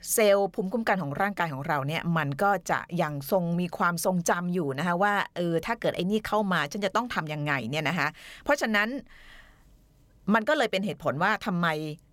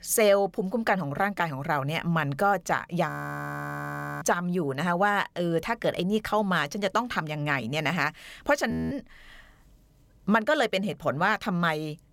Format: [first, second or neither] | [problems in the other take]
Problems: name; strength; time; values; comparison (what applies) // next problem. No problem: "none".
first | audio freezing; at 3 s for 1 s and at 8.5 s